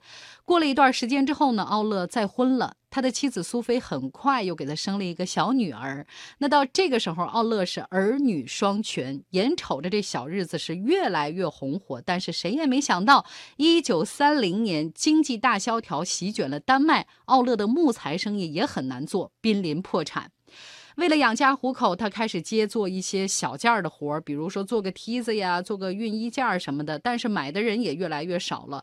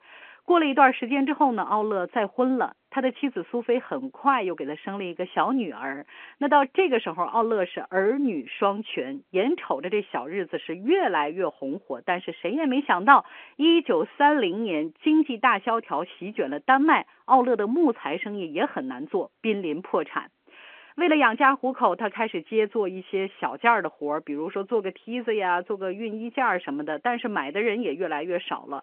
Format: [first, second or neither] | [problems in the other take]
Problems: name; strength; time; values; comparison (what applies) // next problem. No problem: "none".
first | phone-call audio; nothing above 3 kHz